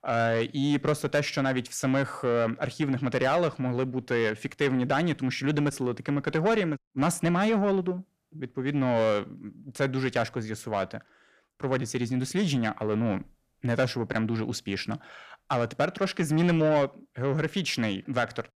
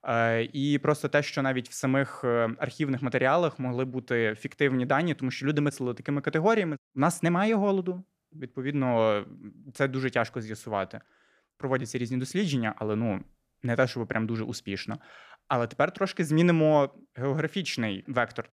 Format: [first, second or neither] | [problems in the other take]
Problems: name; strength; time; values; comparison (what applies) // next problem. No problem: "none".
second | distortion; slight; 10 dB below the speech